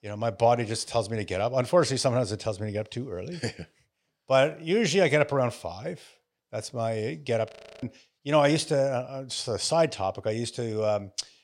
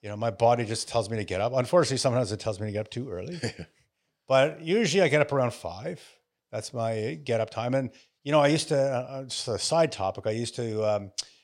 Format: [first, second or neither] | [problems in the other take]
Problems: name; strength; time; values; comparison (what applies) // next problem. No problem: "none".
second | audio freezing; at 7.5 s